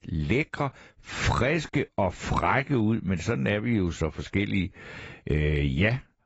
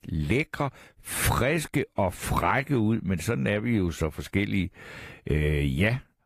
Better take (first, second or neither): second